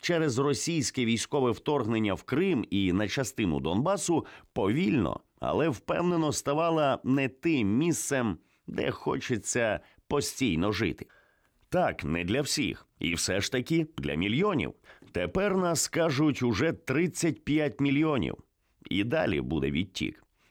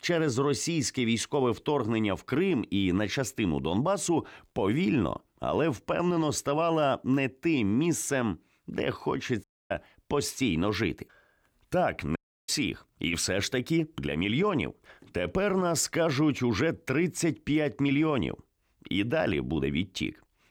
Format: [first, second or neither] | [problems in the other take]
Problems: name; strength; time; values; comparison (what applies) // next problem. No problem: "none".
first | audio cutting out; at 9.5 s and at 12 s